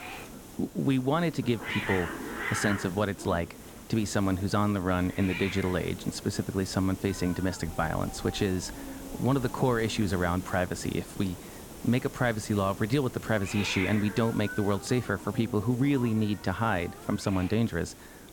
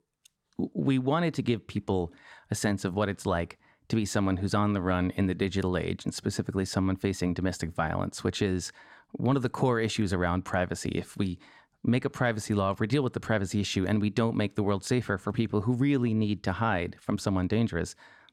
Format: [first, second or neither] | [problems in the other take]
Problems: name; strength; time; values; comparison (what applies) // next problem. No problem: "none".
second | hiss; noticeable; throughout; 10 dB below the speech